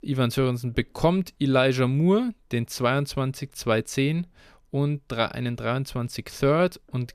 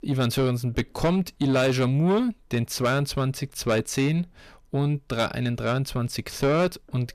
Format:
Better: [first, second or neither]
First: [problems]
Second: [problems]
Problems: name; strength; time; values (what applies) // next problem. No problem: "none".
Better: first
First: none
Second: distortion; slight; 10 dB below the speech